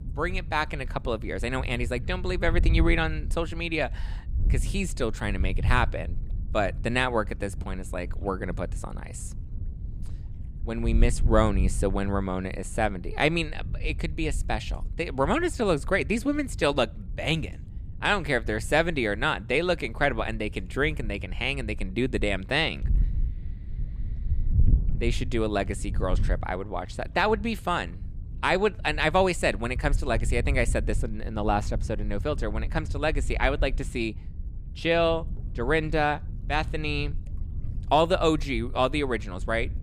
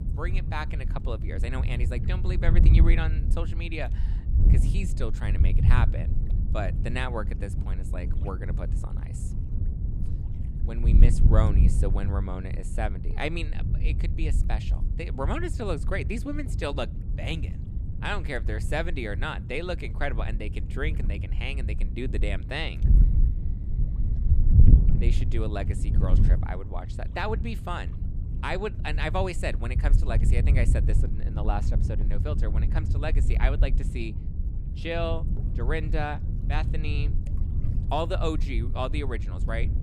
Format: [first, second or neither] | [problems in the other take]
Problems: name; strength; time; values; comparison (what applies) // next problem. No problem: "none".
first | wind noise on the microphone; heavy; 9 dB below the speech; occasional gusts in the first